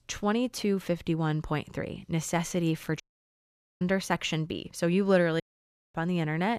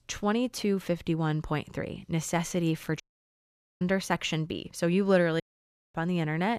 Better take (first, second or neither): neither